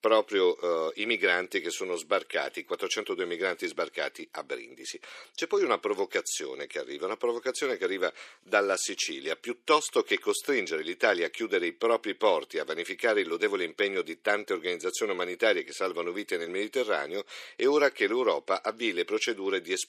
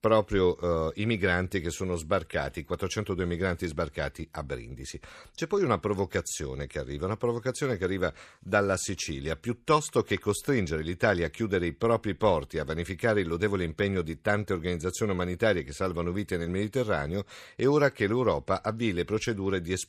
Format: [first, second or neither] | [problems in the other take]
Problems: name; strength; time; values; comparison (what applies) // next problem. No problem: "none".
second | thin; somewhat; fading below 350 Hz